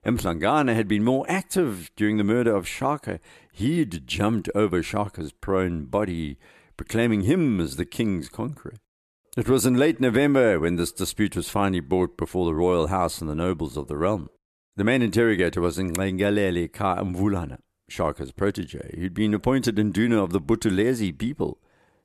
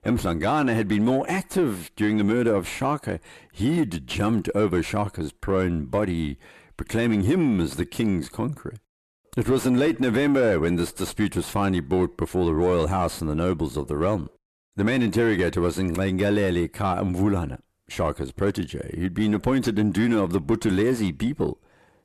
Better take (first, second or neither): first